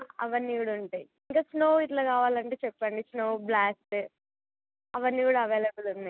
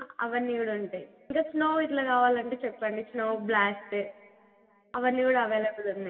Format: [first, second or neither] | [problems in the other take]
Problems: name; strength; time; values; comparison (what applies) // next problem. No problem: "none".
first | room echo; dies away in 2.1 s